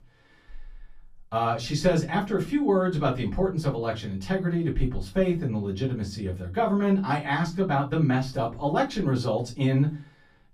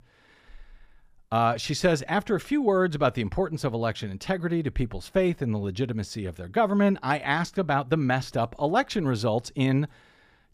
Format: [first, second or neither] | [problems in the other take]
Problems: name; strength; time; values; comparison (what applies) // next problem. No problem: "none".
second | off-mic speech; far // room echo; very slight; dies away in 0.2 s